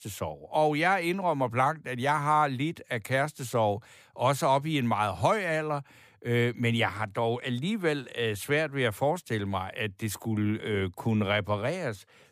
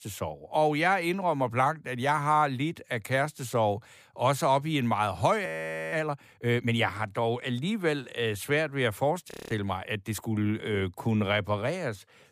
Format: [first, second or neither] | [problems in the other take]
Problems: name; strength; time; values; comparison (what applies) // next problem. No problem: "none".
first | audio freezing; at 5.5 s and at 9.5 s